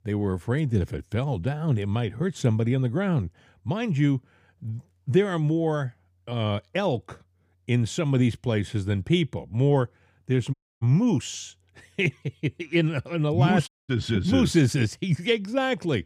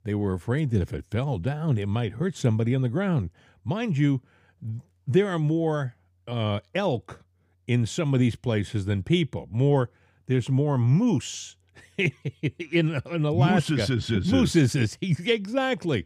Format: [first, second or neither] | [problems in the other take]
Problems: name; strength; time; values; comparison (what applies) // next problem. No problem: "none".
second | audio cutting out; at 11 s and at 14 s